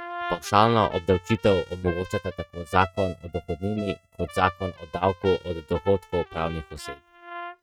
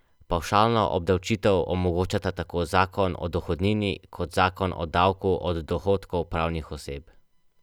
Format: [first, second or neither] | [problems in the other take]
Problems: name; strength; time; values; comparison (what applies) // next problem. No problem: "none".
second | noise reduction (neural mask model RNNoise)